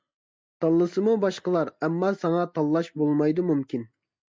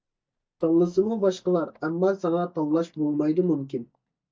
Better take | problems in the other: first | noise reduction (neural mask model DeepFilterNet 3)

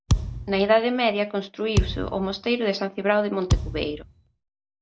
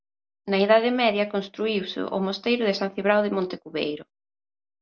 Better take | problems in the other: second | background sound (Thump, thud); 2 dB below the speech

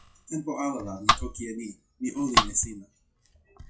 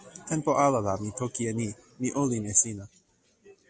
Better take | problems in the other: second | noise reduction (classical method WPE with log-MMSE)

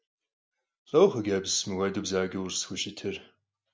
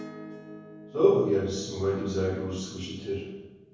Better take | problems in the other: first | background sound (Acoustic guitar / Strum); 19 dB below the speech // room echo; dies away in 1.3 s

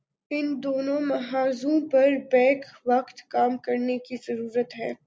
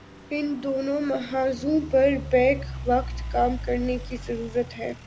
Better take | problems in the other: first | background sound (Idling / Truck); 11 dB below the speech

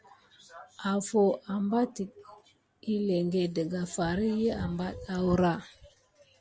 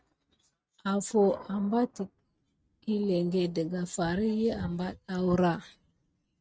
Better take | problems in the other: first | noise reduction (neural mask model RNNoise)

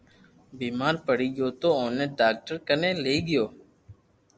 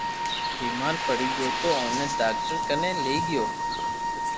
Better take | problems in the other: first | background sound (Bird + Wind instrument, woodwind instrument); 2 dB above the speech

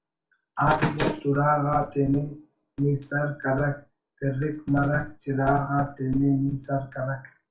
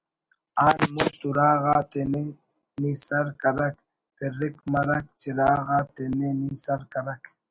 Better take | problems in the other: second | room echo; dies away in 0.3 s

